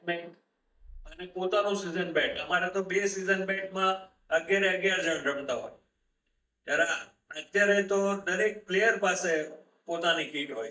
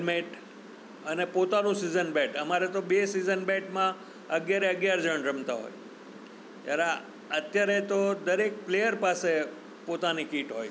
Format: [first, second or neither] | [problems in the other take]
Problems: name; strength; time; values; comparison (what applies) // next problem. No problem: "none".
second | noise reduction (neural mask model DeepFilterNet 3)